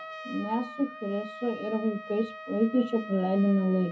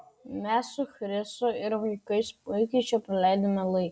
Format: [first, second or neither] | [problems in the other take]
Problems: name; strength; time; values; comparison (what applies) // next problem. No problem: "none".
second | background sound (Trumpet); 14 dB below the speech // room echo; dies away in 0.4 s